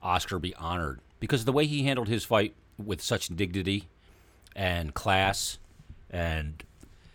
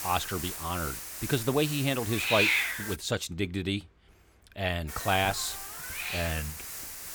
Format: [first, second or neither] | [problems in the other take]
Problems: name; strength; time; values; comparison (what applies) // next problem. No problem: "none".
first | hiss; loud; until 3 s and from 5 s on; 1 dB below the speech